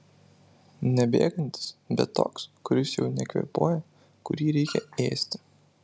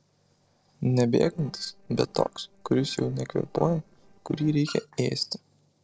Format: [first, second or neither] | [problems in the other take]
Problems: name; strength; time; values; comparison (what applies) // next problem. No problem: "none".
first | noise reduction (neural separator model SepFormer DNS4)